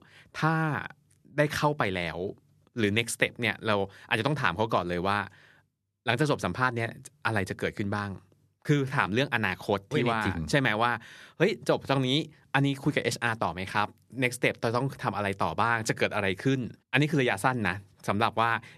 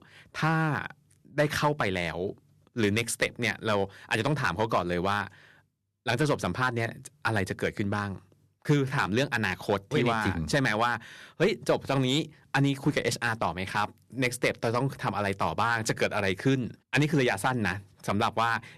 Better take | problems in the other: first | distortion; slight; 1.9% of the sound clipped

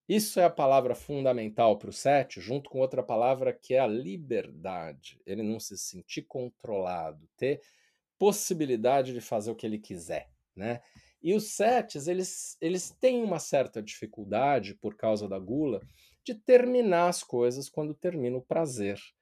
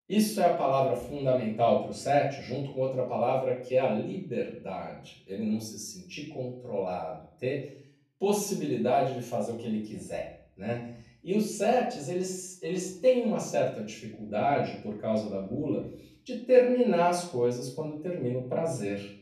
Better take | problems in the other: first | room echo; slight; dies away in 0.5 s // off-mic speech; far

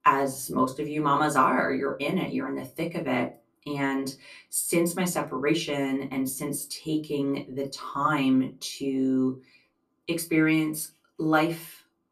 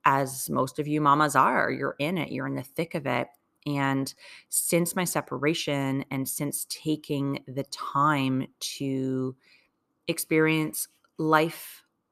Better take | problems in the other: second | off-mic speech; far // room echo; very slight; dies away in 0.2 s

